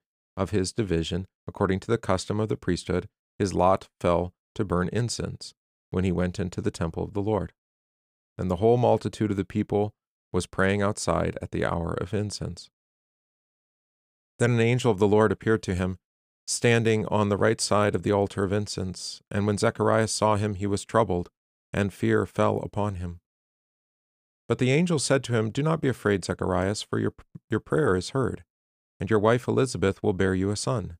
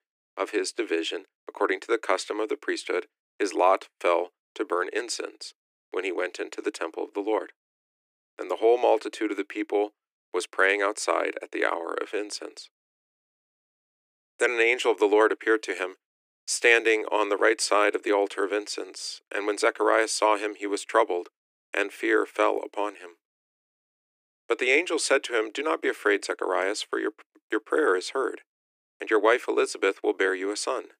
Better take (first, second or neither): first